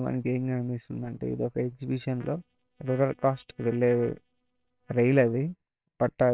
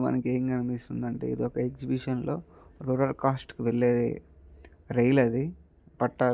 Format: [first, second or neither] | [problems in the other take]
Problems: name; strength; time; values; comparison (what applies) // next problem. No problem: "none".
second | noise reduction (neural separator model SepFormer WHAMR!)